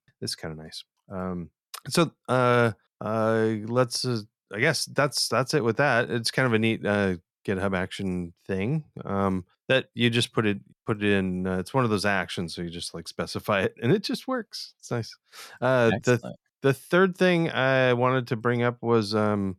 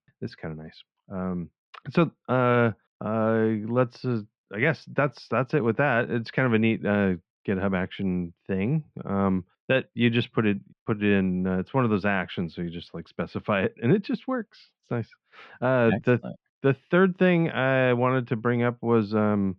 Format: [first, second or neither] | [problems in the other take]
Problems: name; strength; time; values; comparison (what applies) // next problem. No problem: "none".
first | muffled; very; fading above 3 kHz